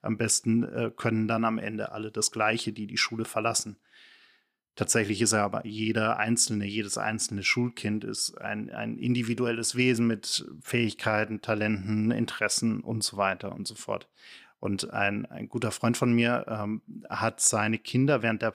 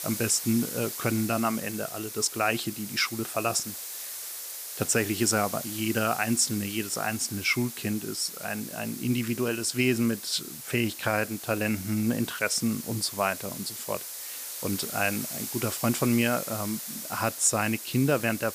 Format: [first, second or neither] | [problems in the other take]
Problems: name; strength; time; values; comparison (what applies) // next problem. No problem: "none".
first | hiss; loud; throughout; 8 dB below the speech